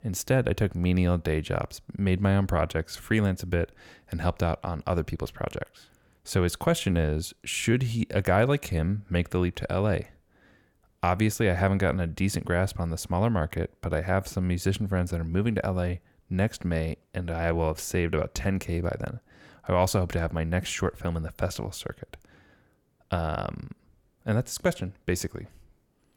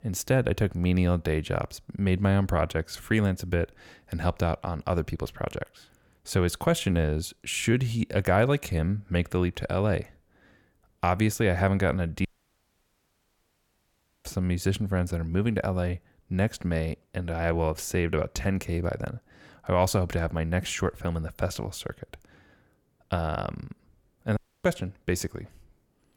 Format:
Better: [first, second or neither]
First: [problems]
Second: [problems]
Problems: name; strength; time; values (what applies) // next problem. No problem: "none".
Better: first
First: none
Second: audio cutting out; at 12 s for 2 s and at 24 s